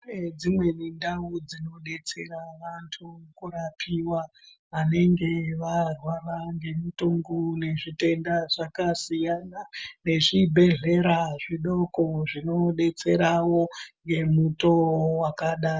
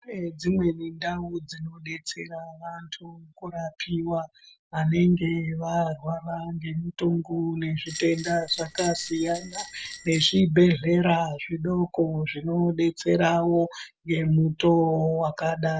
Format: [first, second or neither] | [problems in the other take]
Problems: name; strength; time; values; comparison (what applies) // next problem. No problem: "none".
first | background sound (Bell); 13 dB below the speech